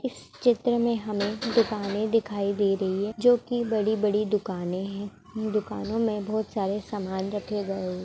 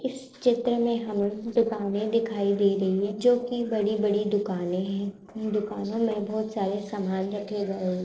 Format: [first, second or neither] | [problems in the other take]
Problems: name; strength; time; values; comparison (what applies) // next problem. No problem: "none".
first | noise reduction (neural separator model SepFormer DNS4)